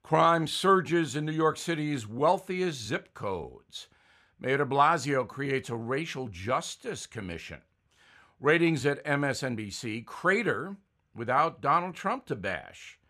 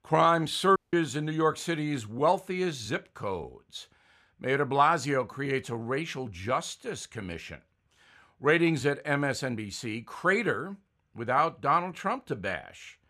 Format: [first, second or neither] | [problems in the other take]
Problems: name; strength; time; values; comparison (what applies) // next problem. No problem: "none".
first | audio cutting out; at 1 s